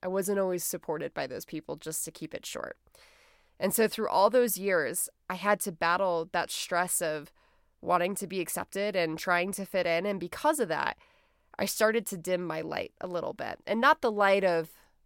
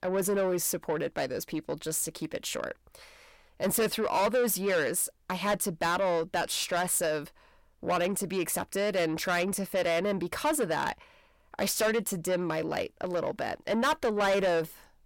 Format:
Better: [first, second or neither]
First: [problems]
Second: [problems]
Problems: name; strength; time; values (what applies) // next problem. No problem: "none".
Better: first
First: none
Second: distortion; heavy; 7 dB below the speech